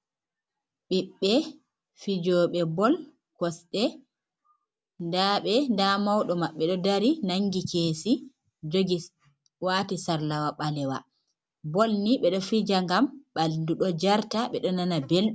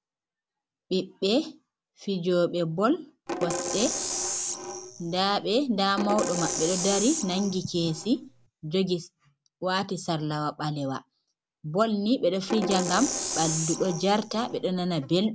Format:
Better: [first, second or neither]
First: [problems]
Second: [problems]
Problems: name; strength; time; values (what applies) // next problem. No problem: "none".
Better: first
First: none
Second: background sound (Percussion); 5 dB below the speech